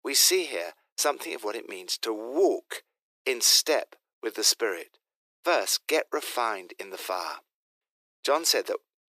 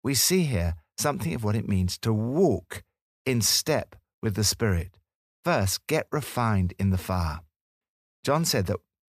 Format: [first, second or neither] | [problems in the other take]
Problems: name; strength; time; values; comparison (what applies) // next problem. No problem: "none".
second | thin; very; fading below 300 Hz